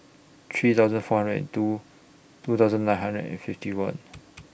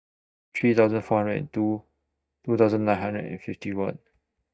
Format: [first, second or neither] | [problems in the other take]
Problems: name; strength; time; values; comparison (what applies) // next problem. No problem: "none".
first | noise reduction (neural mask model DeepFilterNet 3)